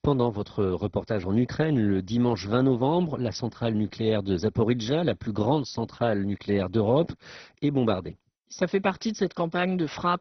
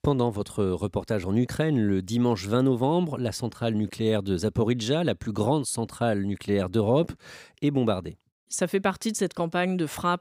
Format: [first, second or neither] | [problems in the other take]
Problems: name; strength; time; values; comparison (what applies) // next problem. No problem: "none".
second | garbled, watery; badly; nothing above 6 kHz